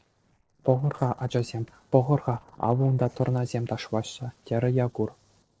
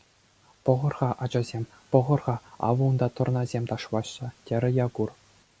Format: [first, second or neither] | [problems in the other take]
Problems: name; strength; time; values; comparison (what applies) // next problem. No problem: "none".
second | noise reduction (neural separator model SepFormer DNS4)